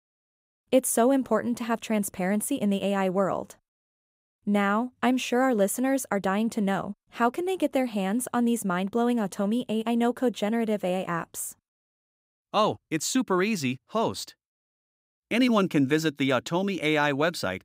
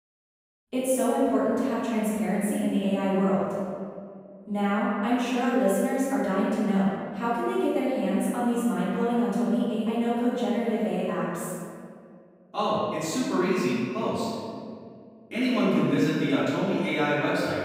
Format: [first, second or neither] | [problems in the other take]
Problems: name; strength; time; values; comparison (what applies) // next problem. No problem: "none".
first | room echo; strong; dies away in 1.9 s // off-mic speech; far